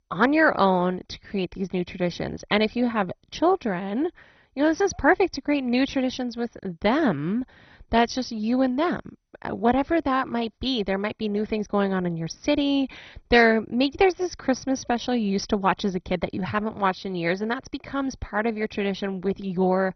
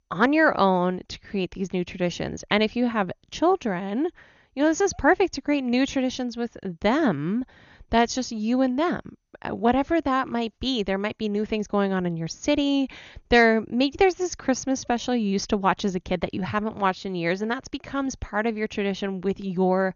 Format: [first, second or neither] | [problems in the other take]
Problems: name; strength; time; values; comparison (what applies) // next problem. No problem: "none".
second | garbled, watery; badly; nothing above 6 kHz; slightly in the second